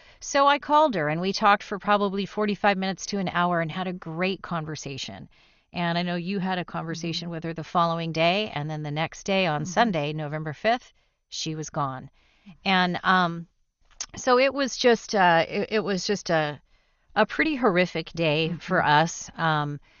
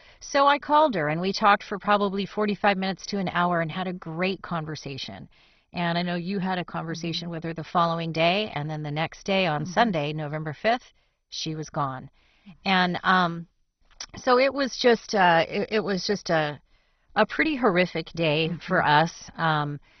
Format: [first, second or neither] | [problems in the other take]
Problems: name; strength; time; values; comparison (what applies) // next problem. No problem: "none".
first | garbled, watery; badly; nothing above 6 kHz; slightly in the first